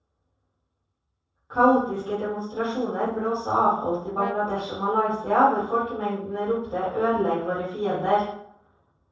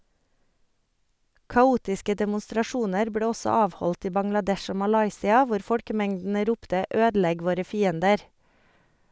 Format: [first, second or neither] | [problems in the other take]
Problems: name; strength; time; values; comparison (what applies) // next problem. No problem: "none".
second | noise reduction (neural separator model SepFormer DNS4)